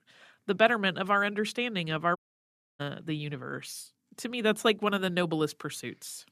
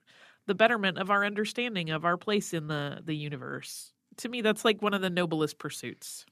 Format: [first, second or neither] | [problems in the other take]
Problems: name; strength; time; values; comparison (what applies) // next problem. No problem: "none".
second | audio cutting out; at 2 s for 0.5 s